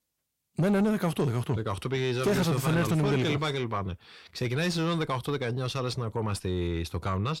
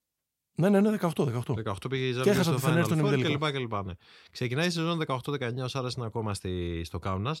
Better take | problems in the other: second | distortion; slight; 10 dB below the speech

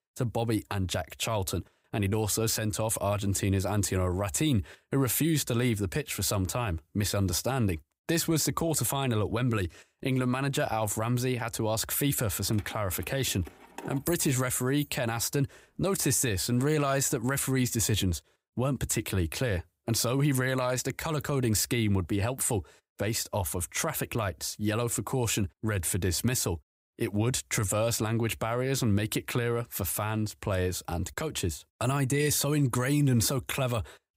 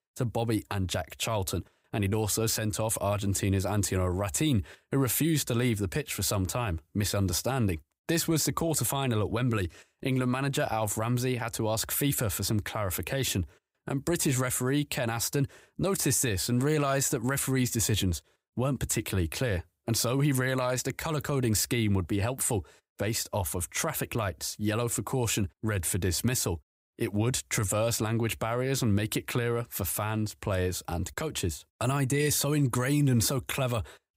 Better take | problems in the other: second | jangling keys; faint; from 12 to 17 s; peak 10 dB below the speech

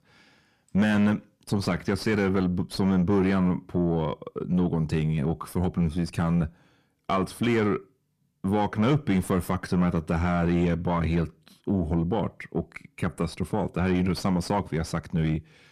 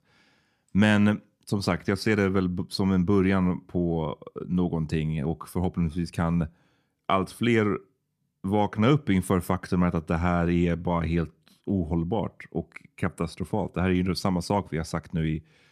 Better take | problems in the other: second | distortion; slight; 10 dB below the speech

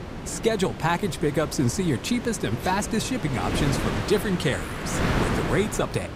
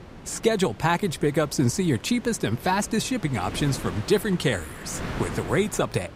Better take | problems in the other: second | wind noise on the microphone; heavy; 4 dB below the speech; occasional gusts in the second

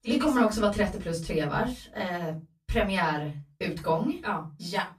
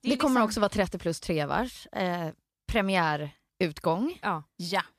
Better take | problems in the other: second | off-mic speech; far // room echo; very slight; dies away in 0.3 s

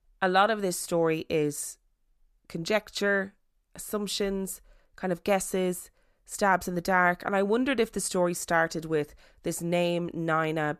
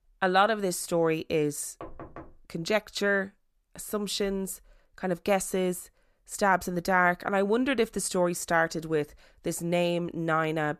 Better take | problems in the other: first | door banging; faint; at 2 s; peak 15 dB below the speech

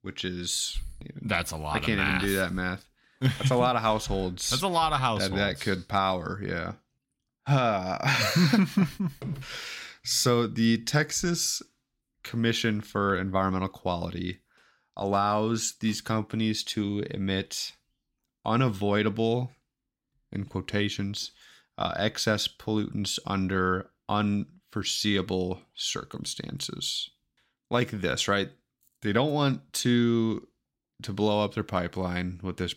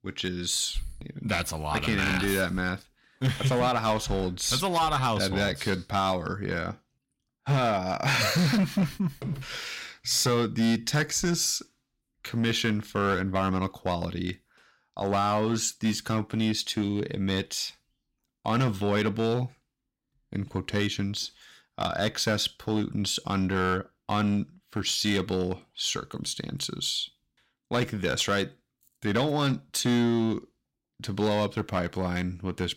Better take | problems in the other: first | distortion; slight; 5% of the sound clipped

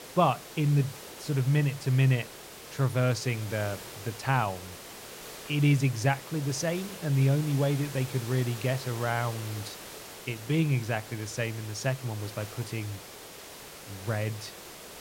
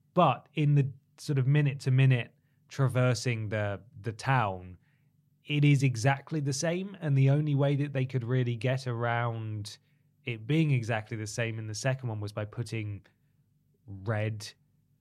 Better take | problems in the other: second | hiss; noticeable; throughout; 15 dB below the speech

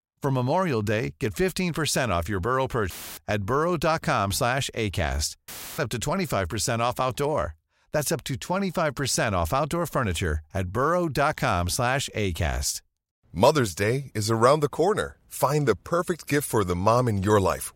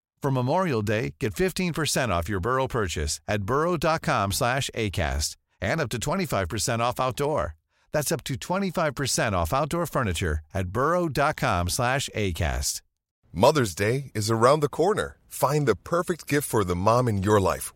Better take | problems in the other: second | audio cutting out; filled with static; at 3 s and at 5.5 s

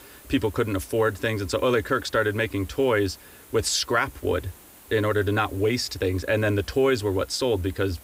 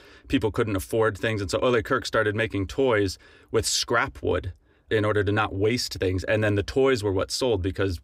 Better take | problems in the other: second | hiss; faint; throughout; 20 dB below the speech

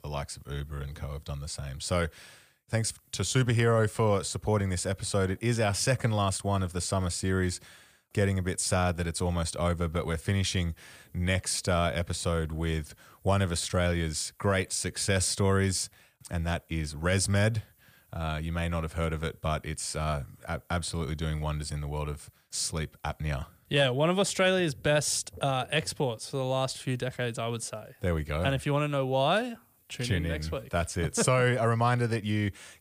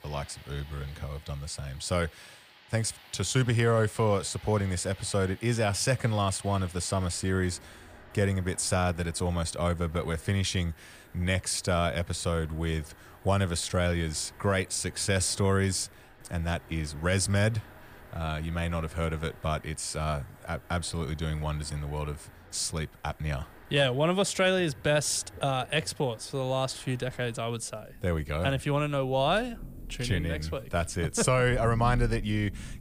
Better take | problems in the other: first | rain or running water; noticeable; throughout; 20 dB below the speech

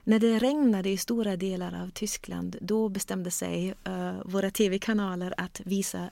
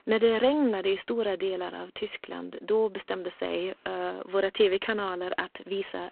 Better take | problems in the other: first | phone-call audio; poor line

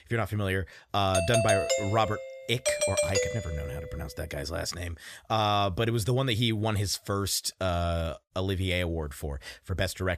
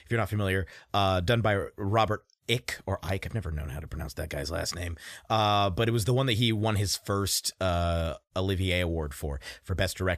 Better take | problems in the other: second | doorbell; loud; from 1 to 4 s; peak 3 dB above the speech

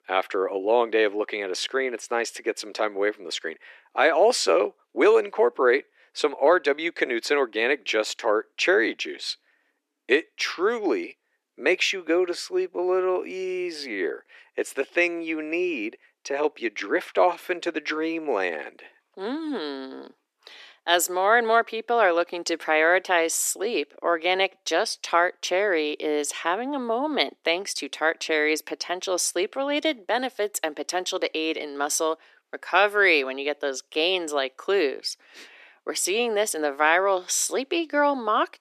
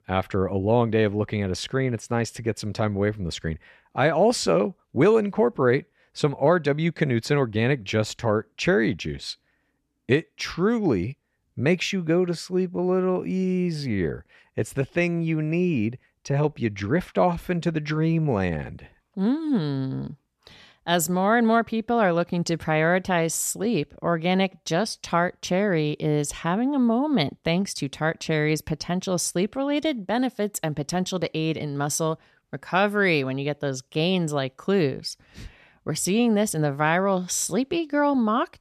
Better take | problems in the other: second | thin; very; fading below 300 Hz

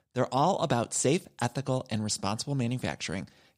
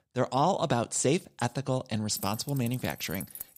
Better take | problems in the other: first | jangling keys; faint; from 2 s on; peak 10 dB below the speech

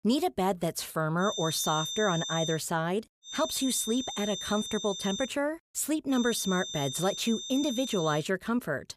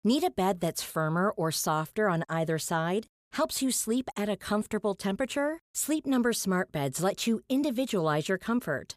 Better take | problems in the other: second | high-pitched whine; loud; from 1 to 2.5 s, from 3.5 to 5.5 s and from 6 to 8 s; 3.5 kHz, 6 dB below the speech

